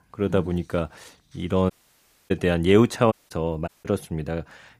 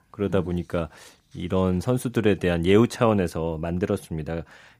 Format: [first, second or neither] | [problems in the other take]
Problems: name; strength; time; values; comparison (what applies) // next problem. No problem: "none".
second | audio cutting out; at 1.5 s for 0.5 s, at 3 s and at 3.5 s